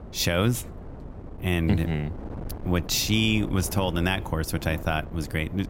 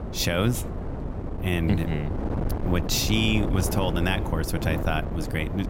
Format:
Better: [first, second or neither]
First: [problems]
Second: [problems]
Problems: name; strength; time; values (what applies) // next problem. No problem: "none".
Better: first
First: wind noise on the microphone; occasional gusts; 15 dB below the speech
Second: wind noise on the microphone; heavy; 7 dB below the speech